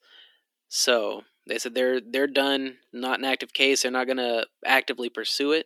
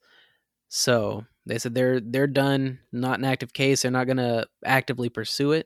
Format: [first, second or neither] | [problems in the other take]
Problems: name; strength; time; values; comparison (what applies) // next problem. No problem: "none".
second | thin; very slightly; fading below 300 Hz